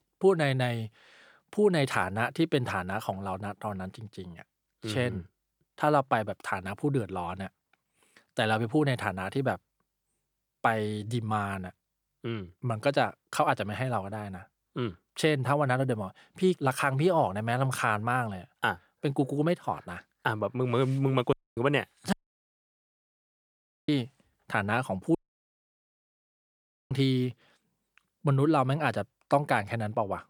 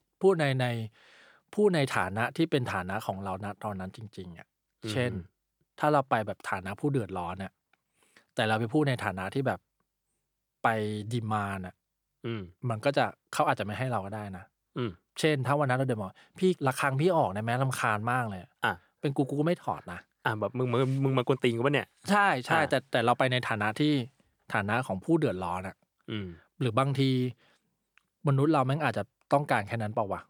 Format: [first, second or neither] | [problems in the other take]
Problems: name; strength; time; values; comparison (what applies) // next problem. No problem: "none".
second | audio cutting out; at 21 s, at 22 s for 2 s and at 25 s for 2 s